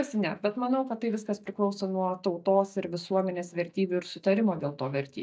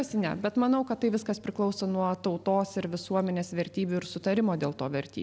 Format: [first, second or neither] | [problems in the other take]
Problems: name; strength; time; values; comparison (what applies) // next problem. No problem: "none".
second | noise reduction (neural mask model DeepFilterNet 3)